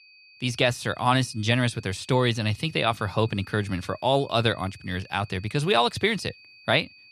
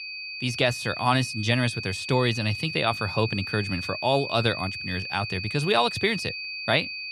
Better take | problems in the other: first | high-pitched whine; loud; throughout; 2.5 kHz, 6 dB below the speech; faint in the first

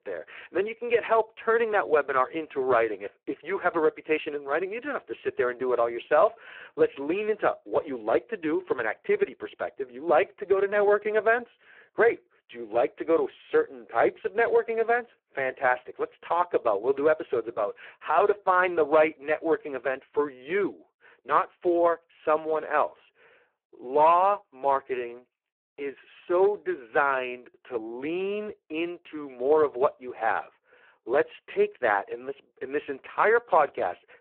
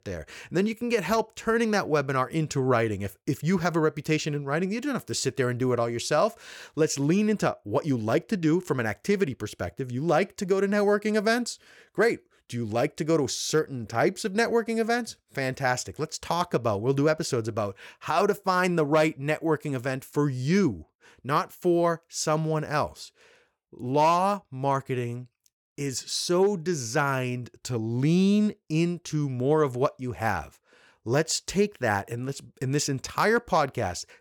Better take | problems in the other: second | phone-call audio; poor line

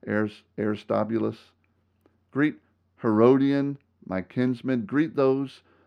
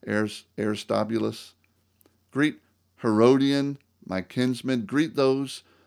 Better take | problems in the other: second | muffled; slightly; fading above 3.5 kHz

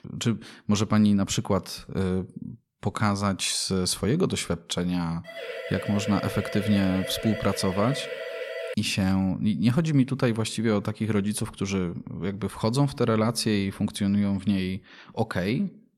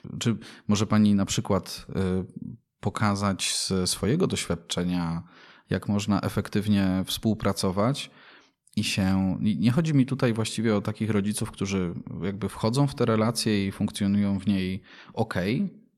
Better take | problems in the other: second | siren; noticeable; from 5.5 to 8.5 s; peak 7 dB below the speech

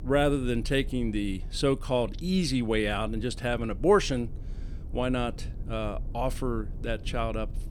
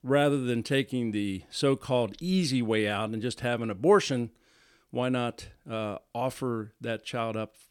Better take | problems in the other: second | low rumble; faint; throughout; 25 dB below the speech

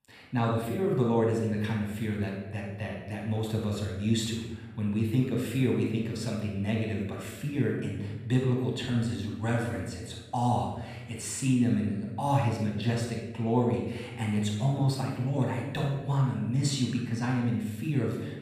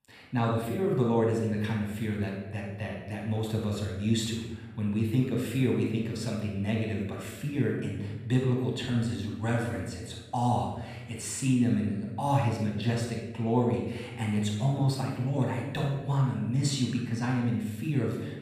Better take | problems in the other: neither | room echo; noticeable; dies away in 1 s; the same in both // off-mic speech; far; the same in both

